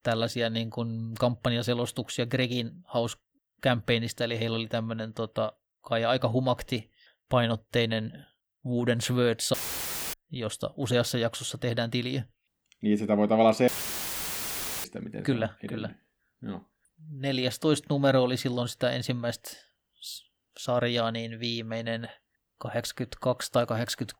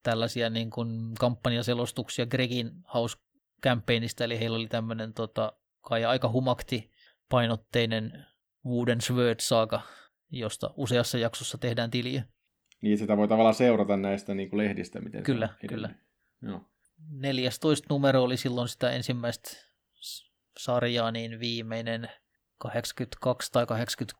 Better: second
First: audio cutting out; filled with static; at 9.5 s for 0.5 s and at 14 s for 1 s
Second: none

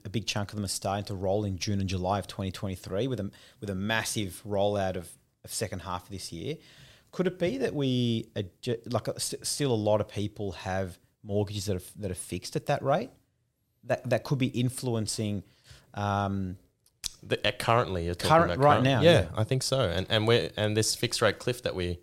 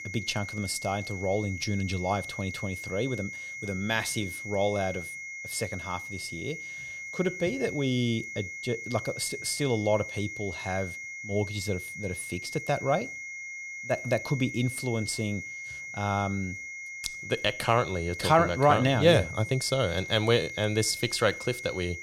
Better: first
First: none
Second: high-pitched whine; loud; throughout; 2 kHz, 8 dB below the speech

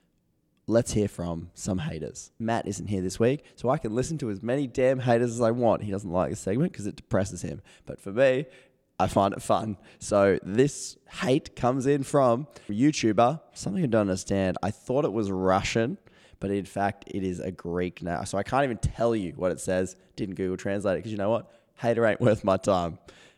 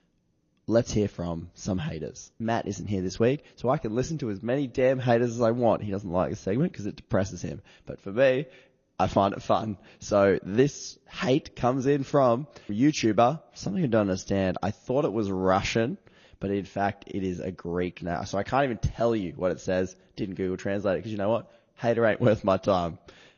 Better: first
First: none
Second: garbled, watery; slightly; nothing above 6.5 kHz

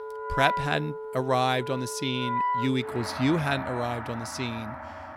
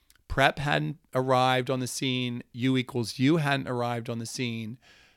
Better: second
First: background music; loud; throughout; 5 dB below the speech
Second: none

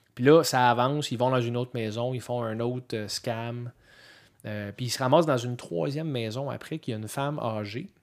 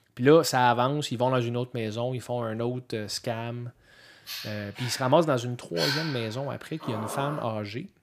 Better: first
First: none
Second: dog barking; noticeable; from 4.5 to 7.5 s; peak 1 dB below the speech

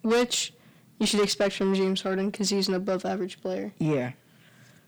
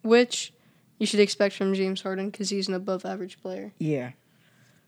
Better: second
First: distortion; heavy; 6 dB below the speech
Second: none

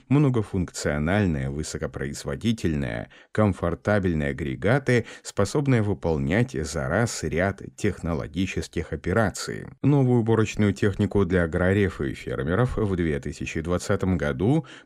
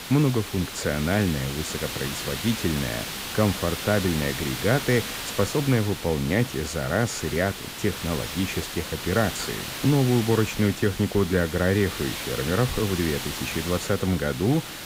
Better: first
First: none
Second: hiss; loud; throughout; 6 dB below the speech

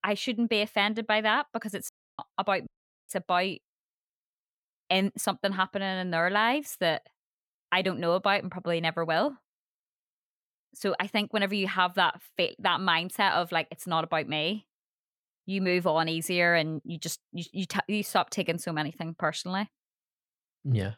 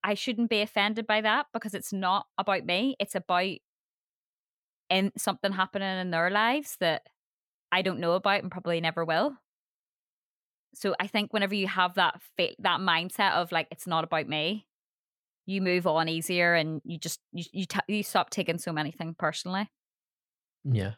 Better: second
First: audio cutting out; at 2 s and at 2.5 s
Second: none

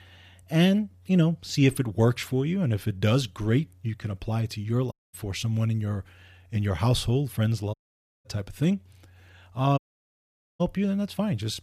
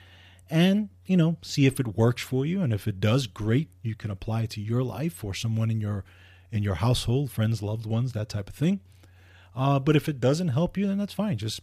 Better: second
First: audio cutting out; at 5 s, at 7.5 s for 0.5 s and at 10 s for 1 s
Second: none

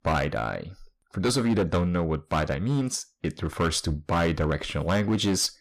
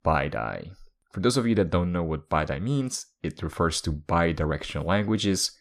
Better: second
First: distortion; slight; 8% of the sound clipped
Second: none

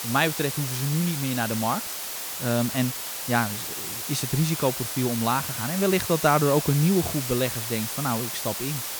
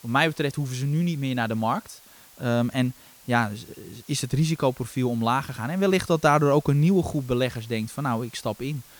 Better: second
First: hiss; loud; throughout; 4 dB below the speech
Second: hiss; faint; throughout; 25 dB below the speech

